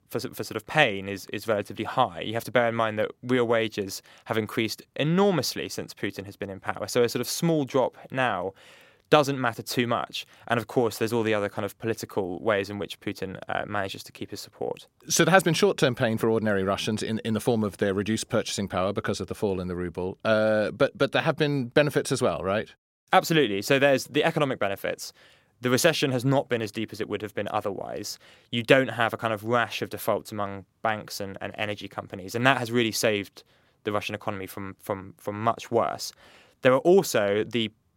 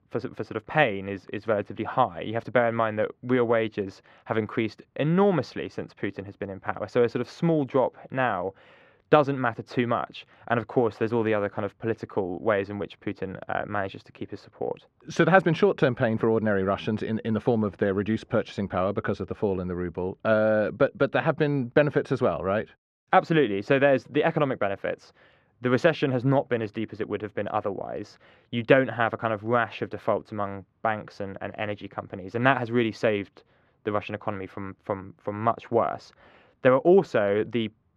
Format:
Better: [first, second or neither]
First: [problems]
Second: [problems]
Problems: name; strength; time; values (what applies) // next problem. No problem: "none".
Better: first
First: none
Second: muffled; very; fading above 2 kHz